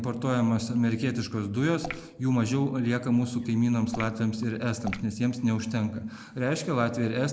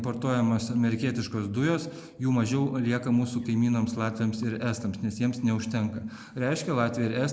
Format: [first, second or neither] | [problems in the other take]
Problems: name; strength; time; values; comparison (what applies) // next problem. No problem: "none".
second | background sound (Drip / Water); 11 dB below the speech